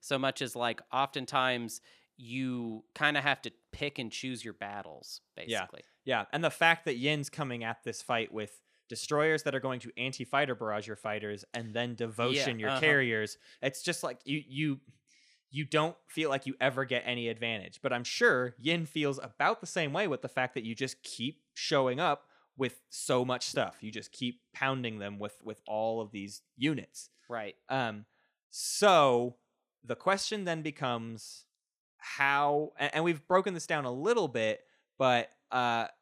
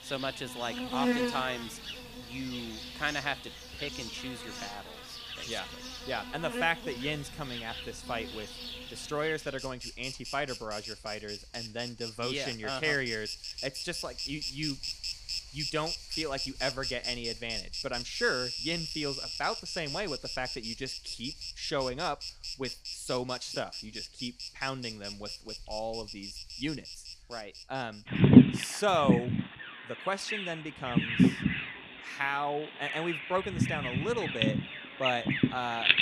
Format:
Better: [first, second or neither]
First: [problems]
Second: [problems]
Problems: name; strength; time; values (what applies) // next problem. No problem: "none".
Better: first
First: none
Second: animal sounds; very loud; throughout; 2 dB above the speech